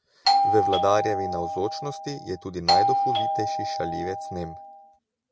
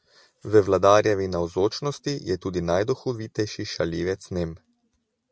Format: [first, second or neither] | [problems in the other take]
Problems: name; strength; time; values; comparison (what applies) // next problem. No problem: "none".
second | background sound (Doorbell); 4 dB above the speech